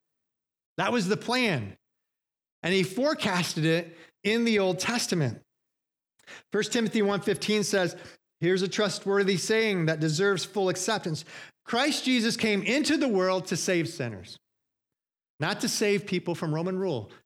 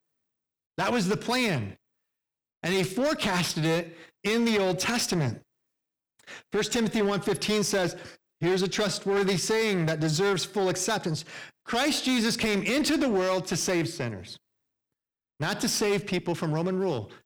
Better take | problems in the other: first | distortion; slight; 11% of the sound clipped

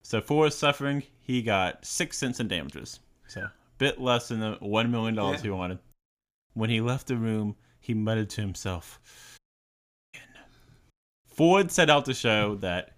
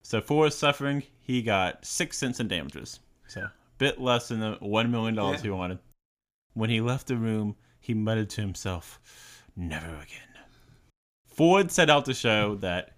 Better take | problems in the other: second | audio cutting out; at 9.5 s for 1 s

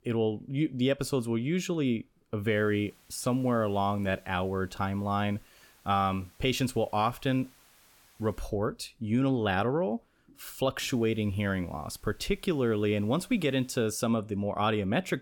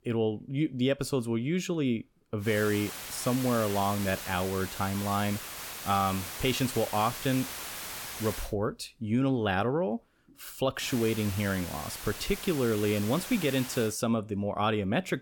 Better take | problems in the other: first | hiss; loud; from 2.5 to 8.5 s and from 11 to 14 s; 8 dB below the speech; faint in the first

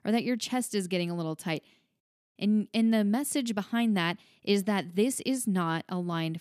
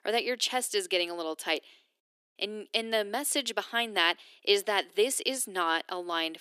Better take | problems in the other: first | thin; very; fading below 350 Hz

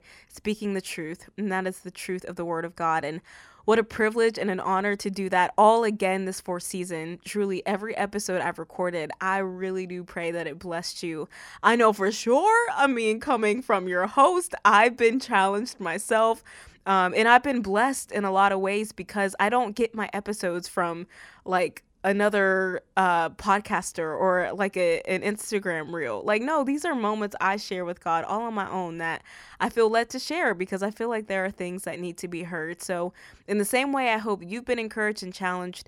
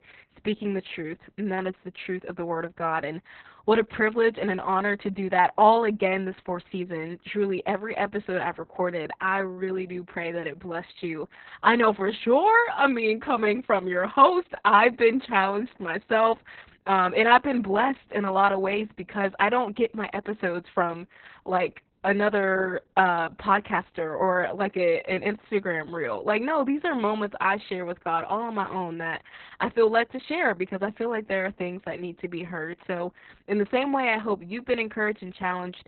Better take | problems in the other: first | garbled, watery; badly; nothing above 4 kHz

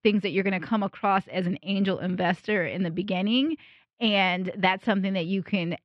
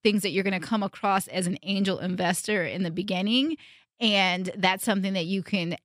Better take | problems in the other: second | muffled; slightly; fading above 3 kHz

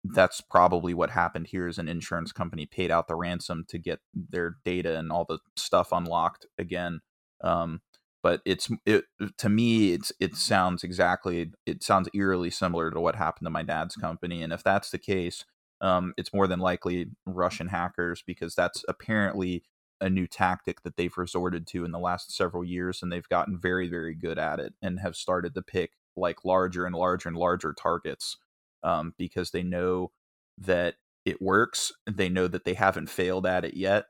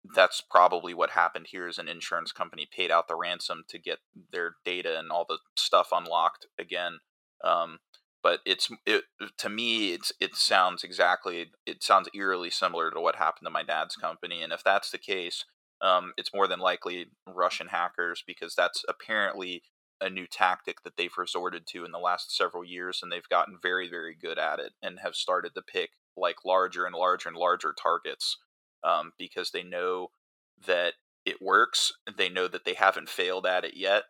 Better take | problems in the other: first | thin; very; fading below 550 Hz

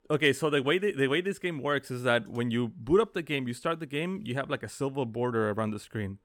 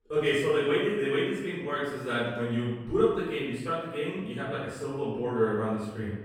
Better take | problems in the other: first | room echo; strong; dies away in 1 s // off-mic speech; far

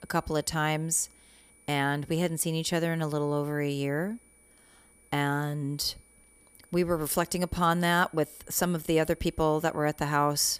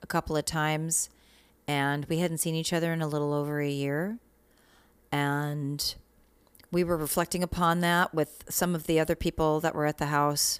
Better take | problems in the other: second | high-pitched whine; faint; throughout; 9.5 kHz, 30 dB below the speech

